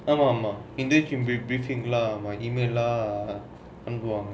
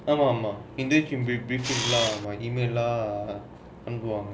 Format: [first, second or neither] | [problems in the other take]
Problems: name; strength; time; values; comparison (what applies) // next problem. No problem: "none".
first | background sound (Camera); 2 dB below the speech